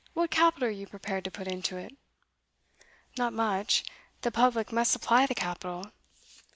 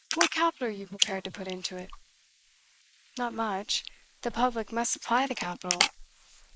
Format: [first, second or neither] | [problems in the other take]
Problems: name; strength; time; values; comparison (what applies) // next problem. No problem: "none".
first | noise reduction (neural mask model Resemble Enhance denoiser)